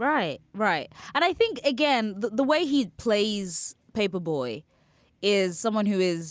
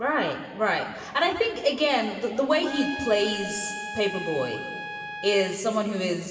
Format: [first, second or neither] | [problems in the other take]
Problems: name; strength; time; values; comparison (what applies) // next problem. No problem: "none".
first | background sound (Trumpet); 10 dB below the speech // room echo; dies away in 2.5 s